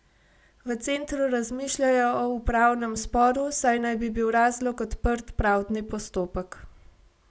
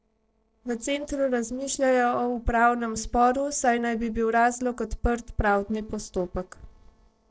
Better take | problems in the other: first | noise reduction (neural separator model SepFormer DNS4)

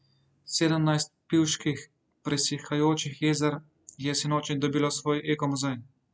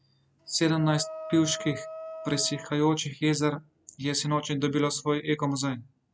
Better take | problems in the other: first | background sound (Wind instrument, woodwind instrument); 13 dB below the speech

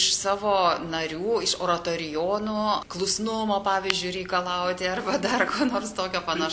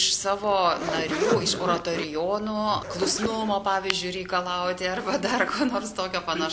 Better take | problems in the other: first | background sound (Zipper (clothing)); 6 dB below the speech

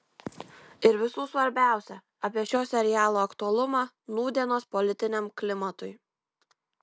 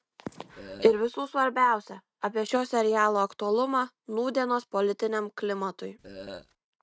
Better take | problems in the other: first | noise reduction (neural mask model RNNoise)

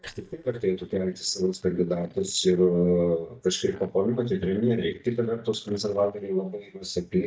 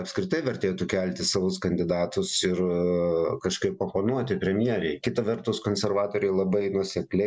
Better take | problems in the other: second | noise reduction (neural mask model DeepFilterNet 3)

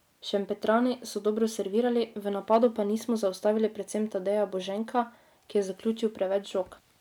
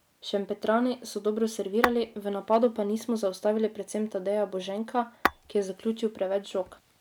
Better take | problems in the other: first | background sound (Tap / Glass); 6 dB below the speech

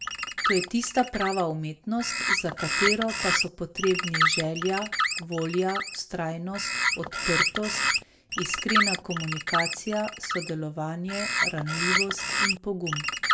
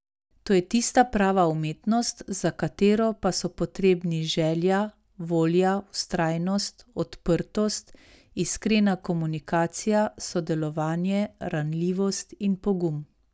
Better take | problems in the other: second | background sound (Bird); 2 dB above the speech // room echo; dies away in 0.3 s

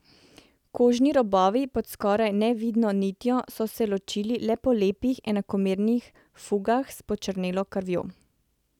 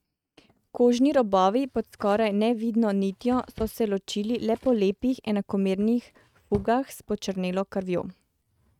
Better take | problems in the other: first | noise reduction (neural mask model RNNoise)

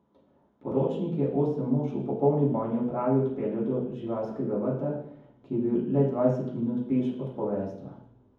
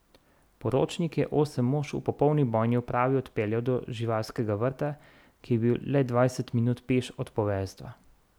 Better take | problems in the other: second | room echo; dies away in 1.2 s

